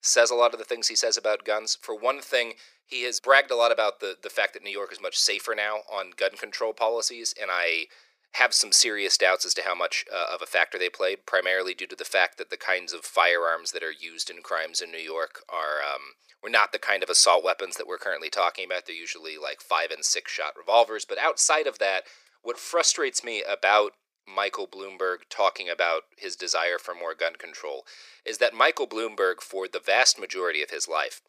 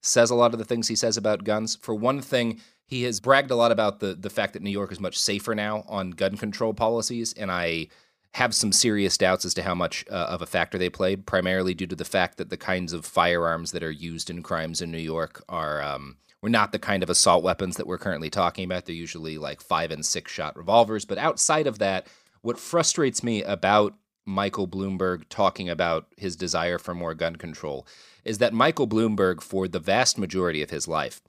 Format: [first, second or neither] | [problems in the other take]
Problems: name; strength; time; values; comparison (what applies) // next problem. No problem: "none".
second | thin; very; fading below 400 Hz